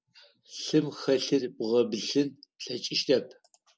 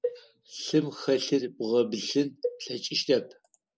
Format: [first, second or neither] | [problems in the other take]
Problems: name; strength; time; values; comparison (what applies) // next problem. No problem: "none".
first | noise reduction (neural mask model Resemble Enhance denoiser)